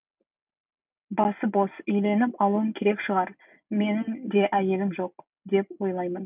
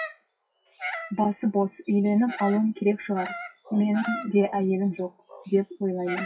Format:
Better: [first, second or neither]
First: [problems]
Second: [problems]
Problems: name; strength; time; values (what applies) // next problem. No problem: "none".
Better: first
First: none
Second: noise reduction (classical method WPE with log-MMSE)